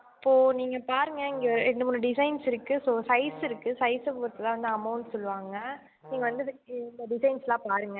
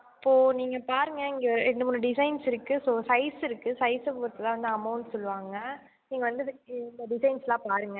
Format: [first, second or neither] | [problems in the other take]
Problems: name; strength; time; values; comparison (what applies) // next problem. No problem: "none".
second | background sound (Brass instrument); 18 dB below the speech